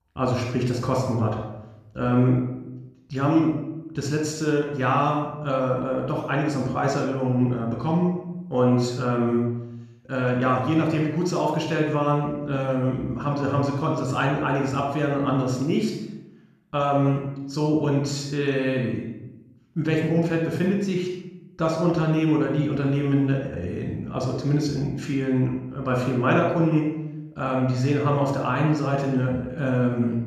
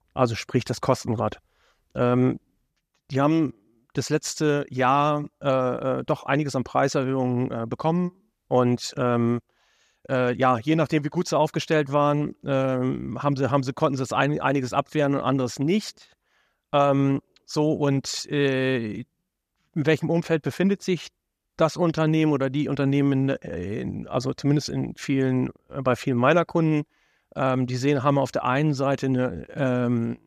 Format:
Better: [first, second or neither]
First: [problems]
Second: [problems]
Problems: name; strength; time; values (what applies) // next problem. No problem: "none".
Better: second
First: off-mic speech; somewhat distant // room echo; noticeable; dies away in 0.8 s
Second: none